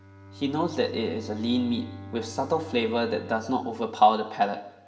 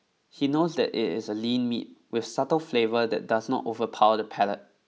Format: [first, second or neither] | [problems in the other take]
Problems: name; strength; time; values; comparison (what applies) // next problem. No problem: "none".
second | background sound (Bowed string instrument); 16 dB below the speech // room echo; dies away in 0.9 s